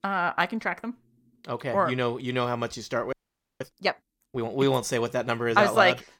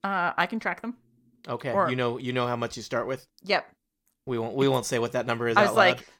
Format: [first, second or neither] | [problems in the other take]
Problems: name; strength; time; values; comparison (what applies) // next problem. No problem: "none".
second | audio freezing; at 3 s